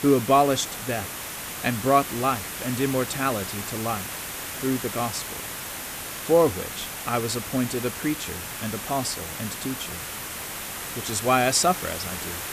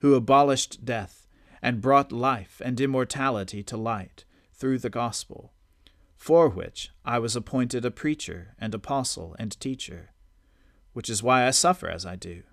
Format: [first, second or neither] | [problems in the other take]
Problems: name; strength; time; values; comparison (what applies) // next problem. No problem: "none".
second | hiss; loud; throughout; 6 dB below the speech